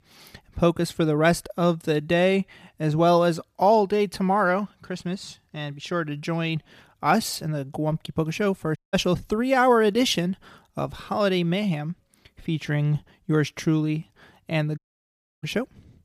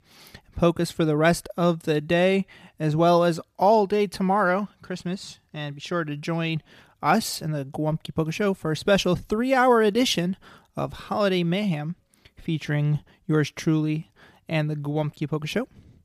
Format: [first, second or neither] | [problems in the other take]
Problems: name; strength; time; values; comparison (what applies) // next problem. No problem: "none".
second | audio cutting out; at 9 s and at 15 s for 0.5 s